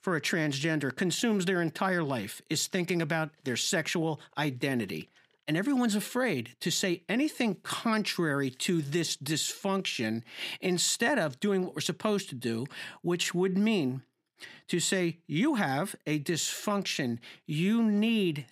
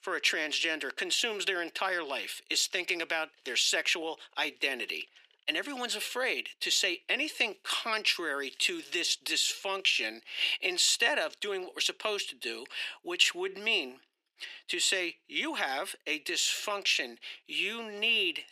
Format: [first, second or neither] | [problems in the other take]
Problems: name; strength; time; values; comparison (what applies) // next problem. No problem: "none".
first | thin; very; fading below 400 Hz